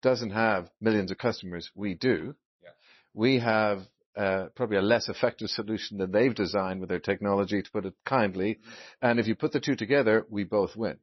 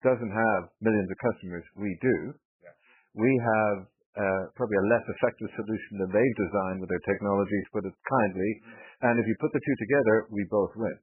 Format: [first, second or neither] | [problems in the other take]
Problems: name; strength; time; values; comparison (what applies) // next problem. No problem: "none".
first | garbled, watery; badly; nothing above 2.5 kHz; slightly in the first